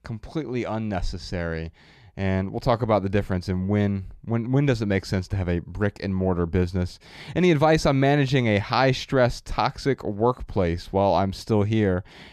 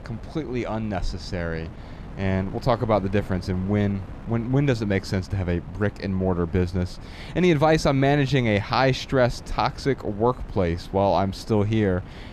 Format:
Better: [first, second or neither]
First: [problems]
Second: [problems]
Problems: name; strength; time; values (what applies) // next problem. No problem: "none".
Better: first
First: none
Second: wind noise on the microphone; occasional gusts; 20 dB below the speech